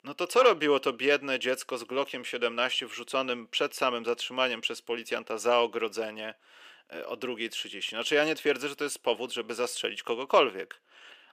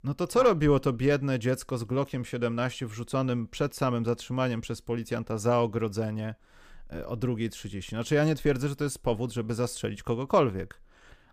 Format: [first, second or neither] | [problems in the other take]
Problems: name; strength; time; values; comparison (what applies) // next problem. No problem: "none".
second | thin; somewhat; fading below 350 Hz